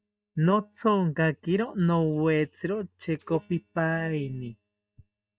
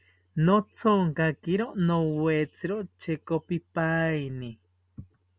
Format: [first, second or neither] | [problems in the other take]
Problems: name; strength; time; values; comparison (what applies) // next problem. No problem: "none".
second | noise reduction (neural mask model DeepFilterNet 3)